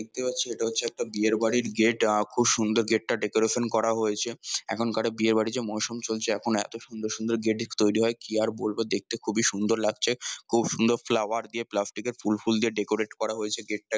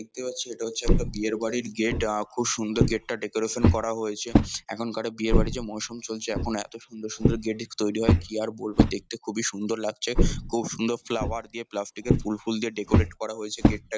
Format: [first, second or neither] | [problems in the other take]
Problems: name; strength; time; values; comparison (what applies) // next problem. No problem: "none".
first | background sound (Walk, footsteps); 4 dB above the speech